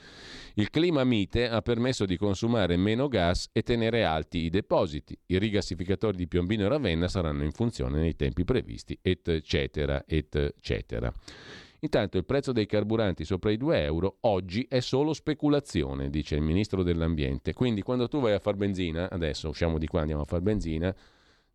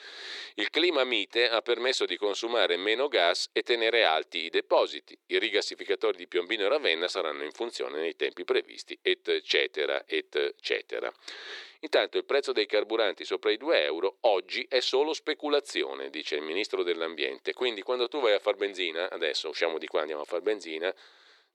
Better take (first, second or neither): first